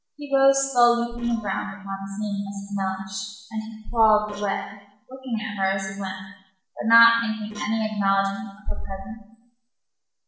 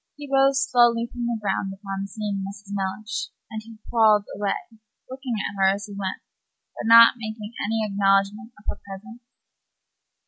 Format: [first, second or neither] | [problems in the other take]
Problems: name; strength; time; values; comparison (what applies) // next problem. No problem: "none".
second | noise reduction (neural separator model SepFormer DNS4)